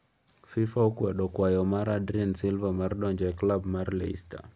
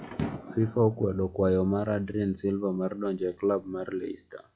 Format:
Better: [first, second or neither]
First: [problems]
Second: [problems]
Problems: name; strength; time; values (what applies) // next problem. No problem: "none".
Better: first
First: none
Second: noise reduction (classical method log-MMSE)